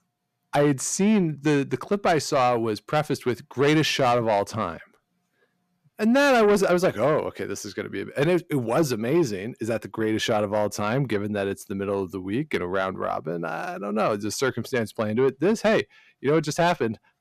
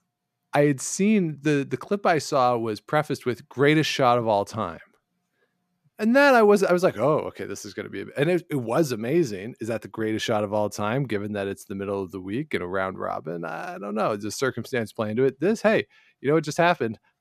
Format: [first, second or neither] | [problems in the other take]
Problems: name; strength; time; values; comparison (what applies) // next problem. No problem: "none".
second | distortion; slight; 10 dB below the speech